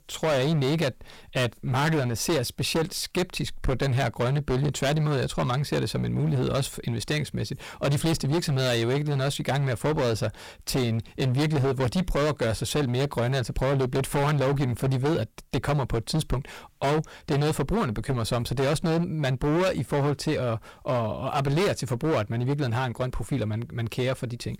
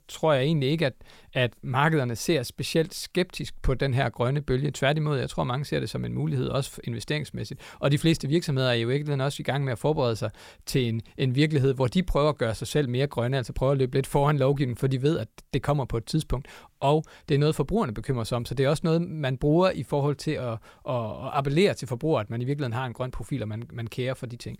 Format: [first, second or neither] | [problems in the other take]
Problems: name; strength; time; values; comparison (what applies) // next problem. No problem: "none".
second | distortion; heavy; 19% of the sound clipped